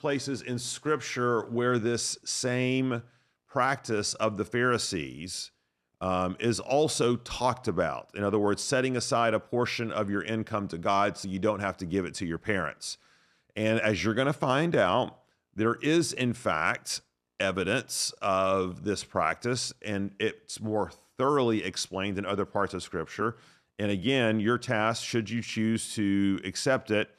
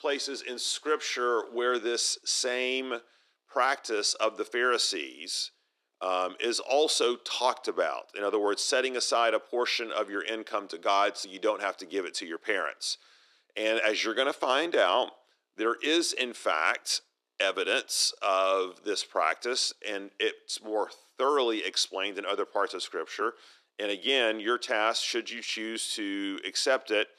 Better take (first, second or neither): first